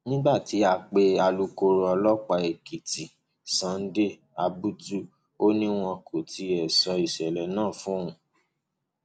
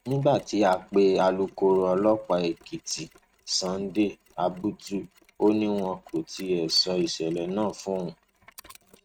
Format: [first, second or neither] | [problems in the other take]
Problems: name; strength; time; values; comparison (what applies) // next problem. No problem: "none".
first | noise reduction (neural mask model RNNoise)